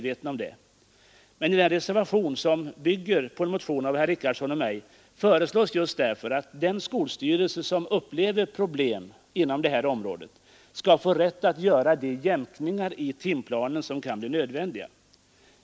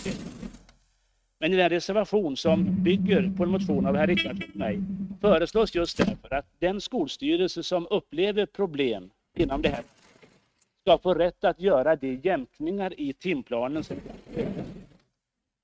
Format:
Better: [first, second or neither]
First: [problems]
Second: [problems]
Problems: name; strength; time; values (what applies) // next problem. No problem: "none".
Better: first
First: none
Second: noise reduction (neural mask model RNNoise)